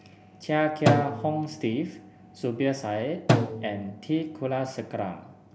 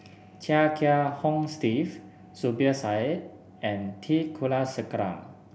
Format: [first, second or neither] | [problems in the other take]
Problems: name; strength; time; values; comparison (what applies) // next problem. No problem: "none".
second | background sound (Drum); as loud as the speech